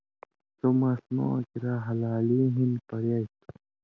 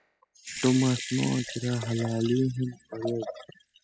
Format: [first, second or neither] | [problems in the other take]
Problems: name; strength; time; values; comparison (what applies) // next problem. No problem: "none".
first | noise reduction (classical method spectral subtraction)